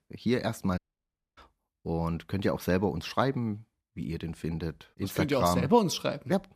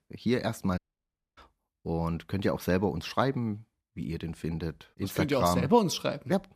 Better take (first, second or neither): neither